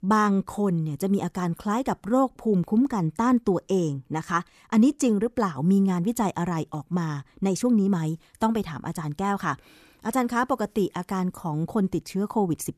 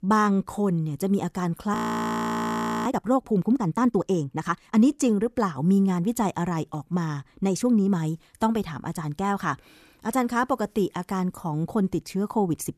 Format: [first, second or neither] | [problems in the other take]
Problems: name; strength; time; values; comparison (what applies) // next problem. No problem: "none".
first | audio freezing; at 1.5 s for 1 s